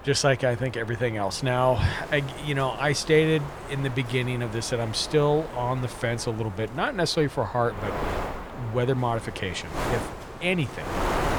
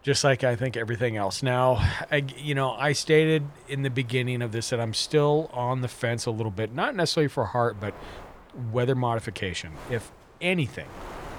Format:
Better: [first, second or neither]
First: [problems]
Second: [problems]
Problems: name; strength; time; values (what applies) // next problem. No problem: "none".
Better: second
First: wind noise on the microphone; heavy; 9 dB below the speech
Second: wind noise on the microphone; occasional gusts; 20 dB below the speech